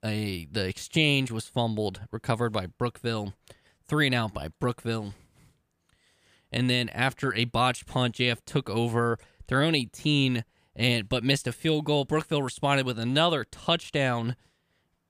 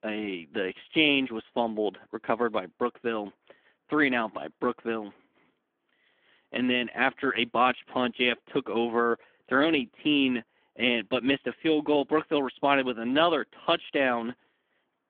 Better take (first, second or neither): first